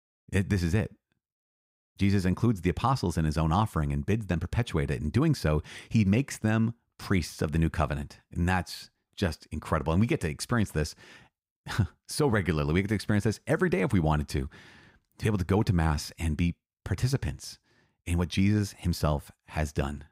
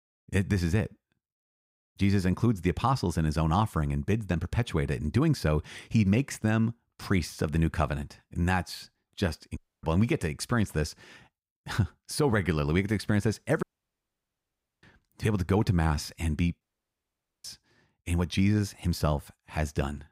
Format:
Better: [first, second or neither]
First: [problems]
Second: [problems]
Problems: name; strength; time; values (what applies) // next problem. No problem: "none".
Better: first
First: none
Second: audio cutting out; at 9.5 s, at 14 s for 1 s and at 17 s for 1 s